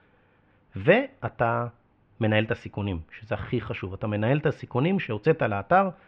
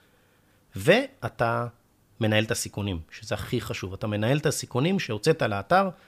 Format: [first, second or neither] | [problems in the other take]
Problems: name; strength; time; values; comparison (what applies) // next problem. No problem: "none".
second | muffled; very; fading above 2.5 kHz